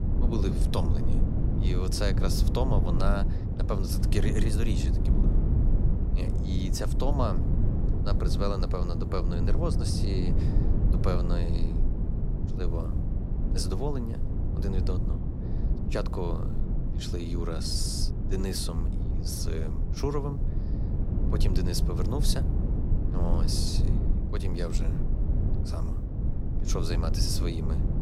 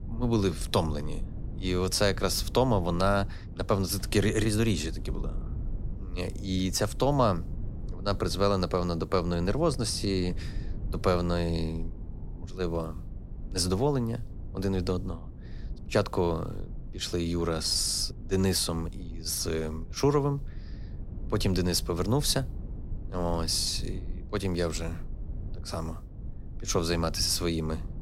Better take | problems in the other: second | low rumble; loud; throughout; 5 dB below the speech; faint in the second

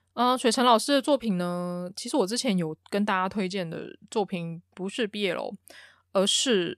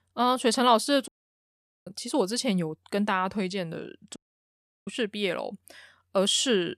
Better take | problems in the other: first | audio cutting out; at 1 s for 1 s and at 4 s for 0.5 s

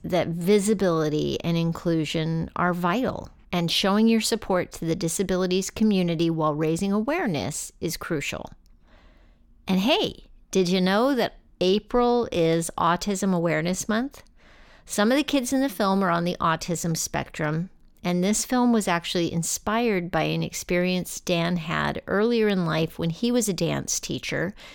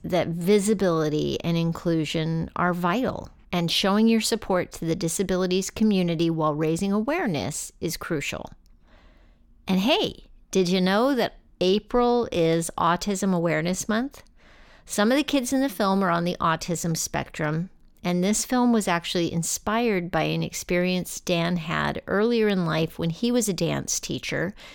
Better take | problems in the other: neither | none

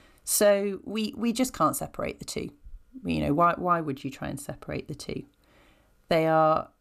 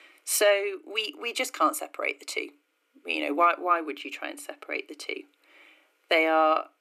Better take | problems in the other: first | thin; somewhat; fading below 300 Hz

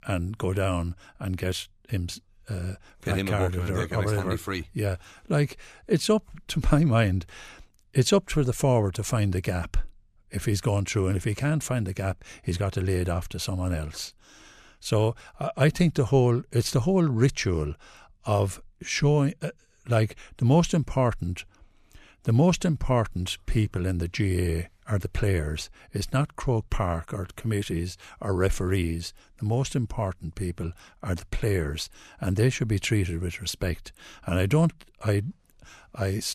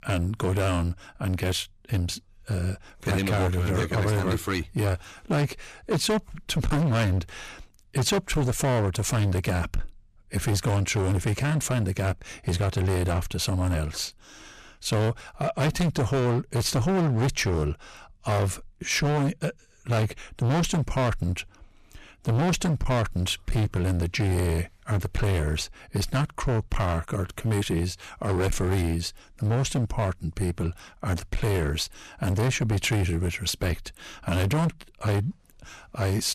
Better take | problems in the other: first | distortion; heavy; 17% of the sound clipped

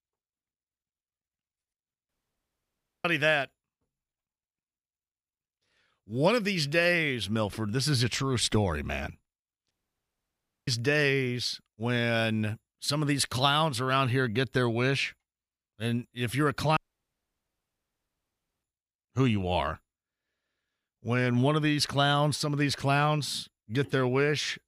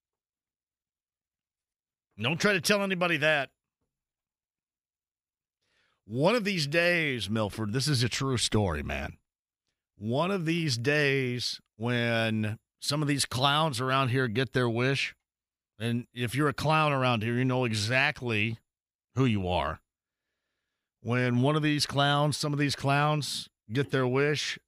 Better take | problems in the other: second | audio cutting out; at 2 s for 1 s, at 9.5 s for 1 s and at 17 s for 2 s

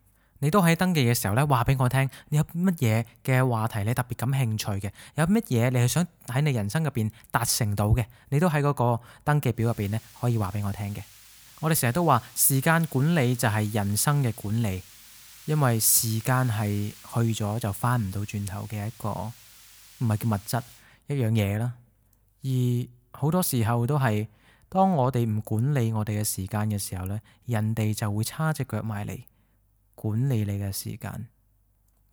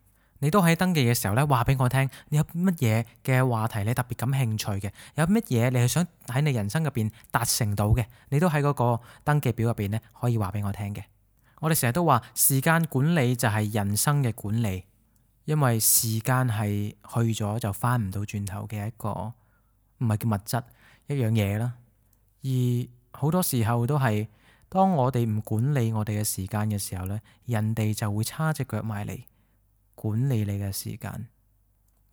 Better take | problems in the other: second | hiss; faint; from 9.5 to 21 s; 20 dB below the speech

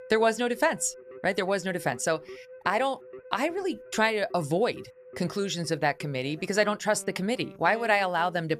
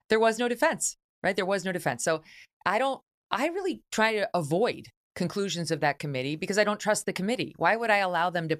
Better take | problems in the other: second | background music; noticeable; throughout; 20 dB below the speech

